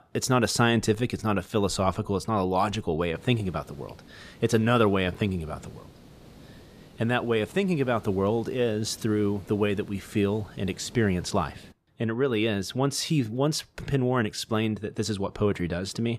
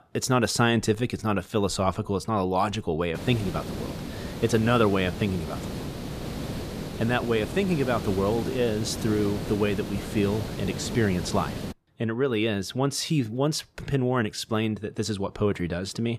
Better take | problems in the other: first | hiss; loud; from 3 to 12 s; 8 dB below the speech; faint in the first

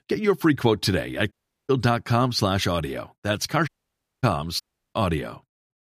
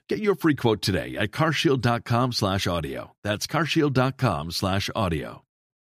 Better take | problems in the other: second | audio cutting out; at 1.5 s, at 3.5 s for 0.5 s and at 4.5 s

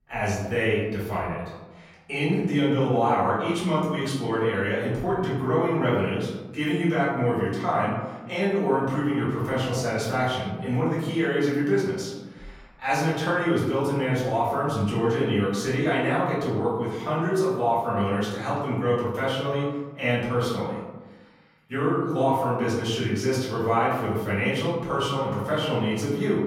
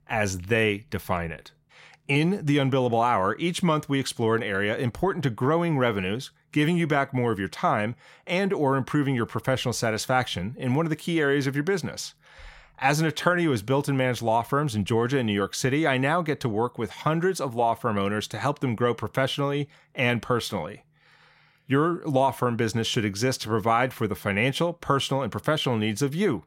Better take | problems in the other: second | room echo; noticeable; dies away in 1.1 s // off-mic speech; far

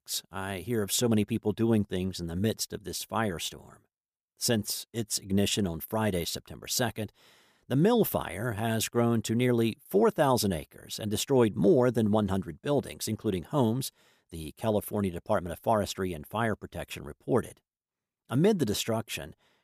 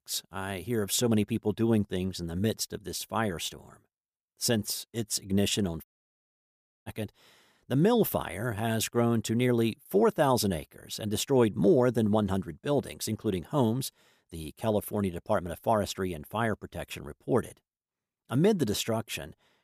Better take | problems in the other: first | audio cutting out; at 6 s for 1 s

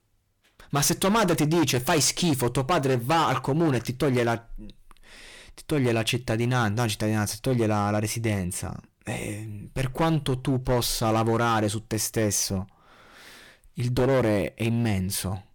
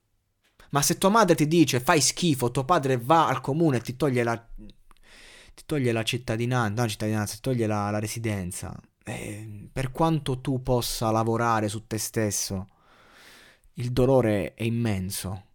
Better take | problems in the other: second | distortion; heavy; 10% of the sound clipped

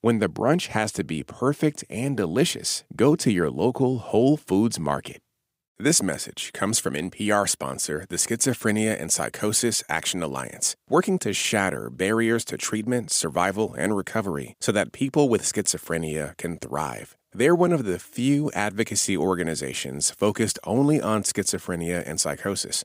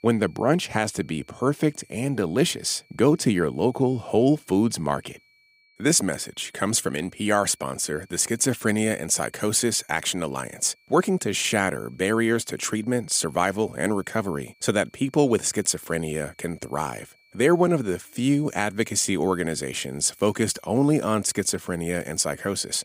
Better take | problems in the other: first | high-pitched whine; faint; throughout; 2.5 kHz, 35 dB below the speech

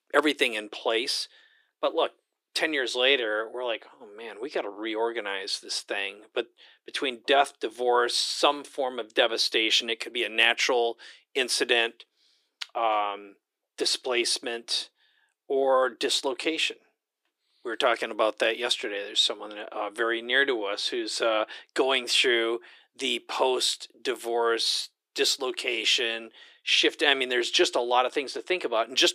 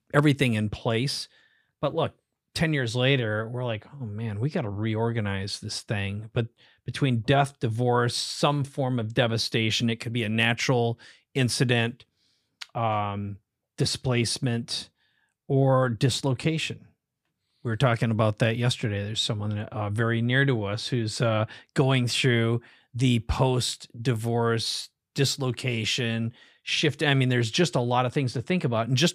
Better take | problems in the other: second | thin; very; fading below 350 Hz

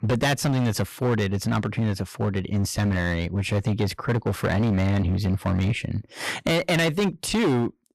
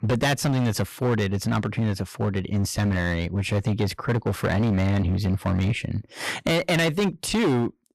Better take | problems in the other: neither | distortion; heavy; 18% of the sound clipped; the same in both

